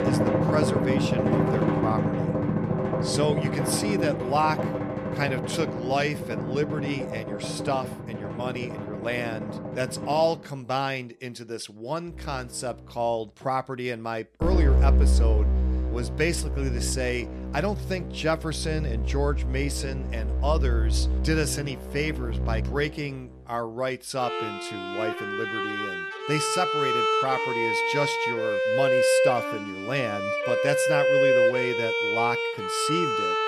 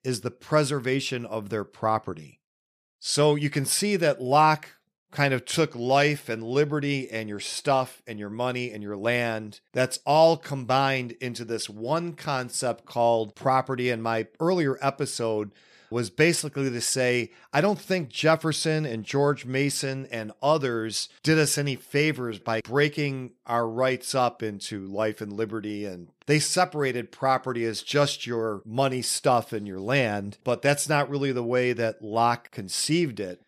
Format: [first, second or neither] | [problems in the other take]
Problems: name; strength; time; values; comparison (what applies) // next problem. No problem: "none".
second | background music; very loud; throughout; 3 dB above the speech